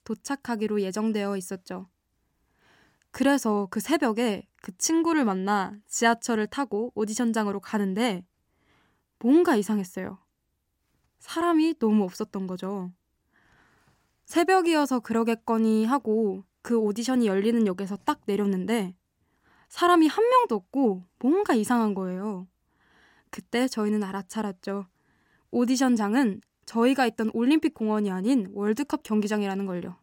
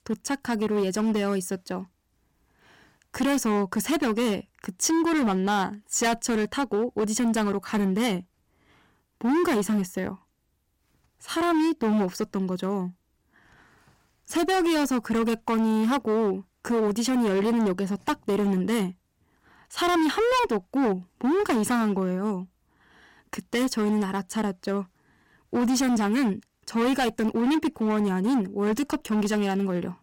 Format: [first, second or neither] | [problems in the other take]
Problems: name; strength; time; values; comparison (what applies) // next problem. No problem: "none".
first | distortion; heavy; 17% of the sound clipped